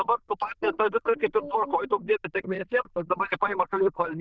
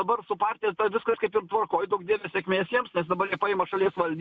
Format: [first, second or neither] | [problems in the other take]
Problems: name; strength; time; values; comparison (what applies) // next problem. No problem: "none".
second | noise reduction (neural diffusion model UNIVERSE++)